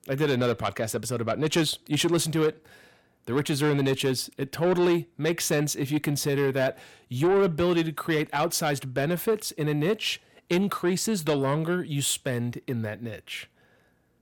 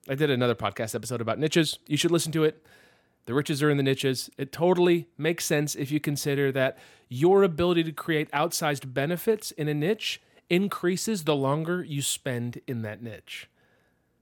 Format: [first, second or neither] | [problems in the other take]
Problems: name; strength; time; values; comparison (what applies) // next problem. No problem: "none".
second | distortion; slight; 10 dB below the speech